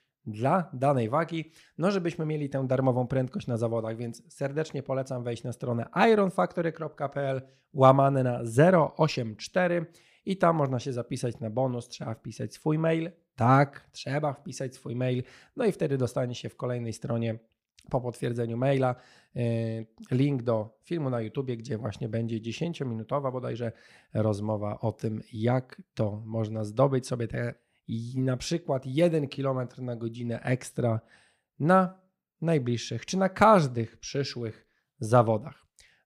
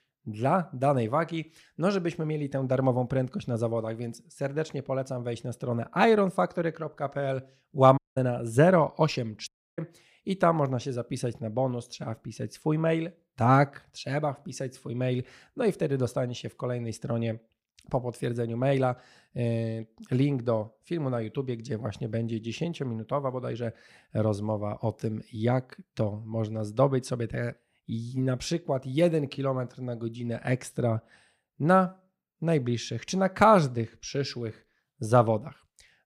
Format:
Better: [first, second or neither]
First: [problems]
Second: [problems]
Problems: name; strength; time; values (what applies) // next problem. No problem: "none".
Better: first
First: none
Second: audio cutting out; at 8 s and at 9.5 s